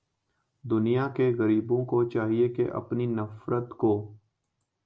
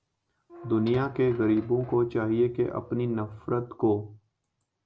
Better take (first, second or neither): first